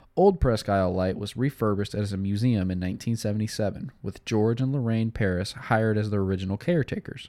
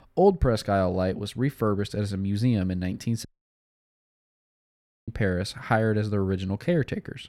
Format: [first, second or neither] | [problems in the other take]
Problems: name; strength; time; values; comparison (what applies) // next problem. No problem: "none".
first | audio cutting out; at 3.5 s for 2 s